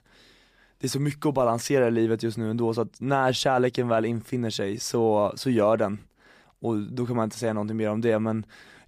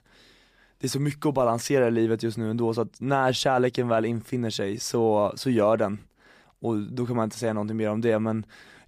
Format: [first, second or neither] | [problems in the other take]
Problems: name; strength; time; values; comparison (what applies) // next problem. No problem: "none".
neither | none